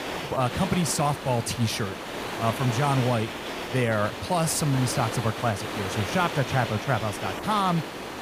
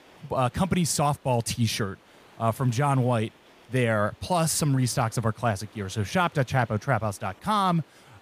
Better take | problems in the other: second | hiss; loud; throughout; 6 dB below the speech; faint in the second

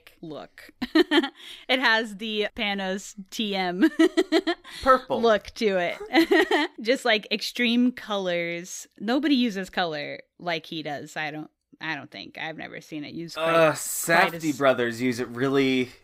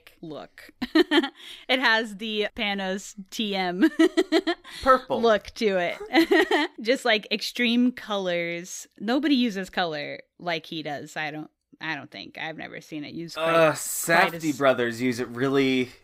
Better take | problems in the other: neither | none

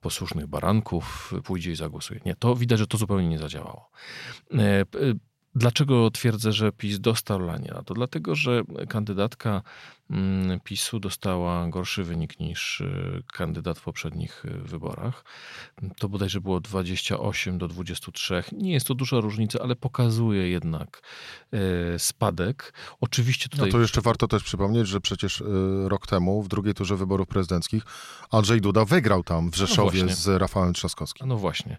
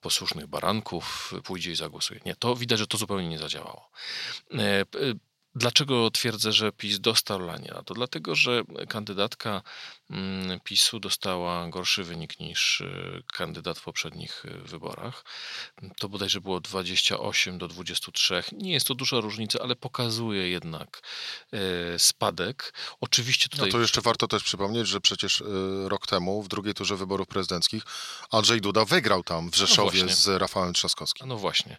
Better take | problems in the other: first | thin; somewhat; fading below 450 Hz

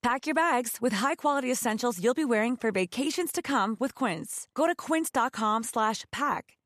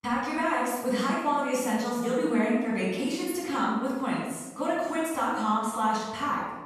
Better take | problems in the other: first | off-mic speech; far // room echo; strong; dies away in 1 s

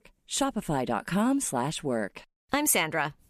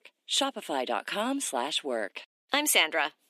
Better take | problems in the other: first | thin; very slightly; fading below 250 Hz

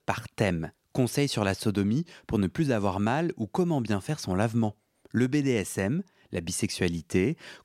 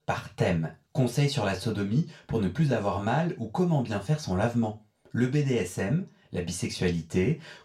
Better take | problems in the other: first | room echo; very slight; dies away in 0.2 s // off-mic speech; far

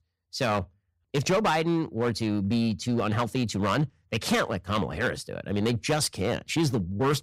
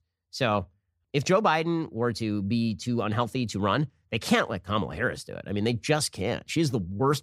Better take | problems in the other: second | distortion; slight; 9% of the sound clipped

